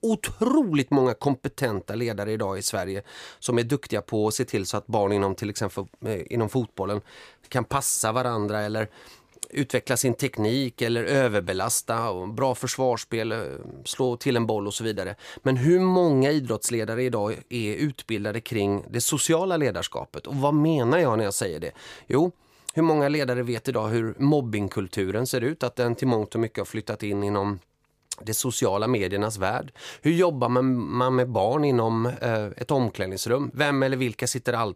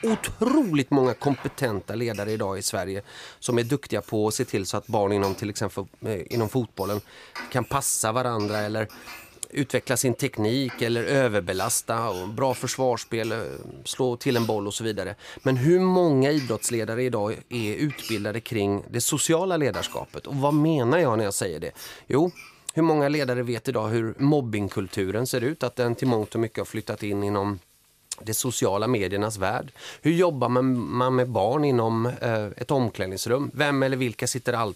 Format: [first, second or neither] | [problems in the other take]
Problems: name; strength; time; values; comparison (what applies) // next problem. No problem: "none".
first | household noises; noticeable; throughout; 20 dB below the speech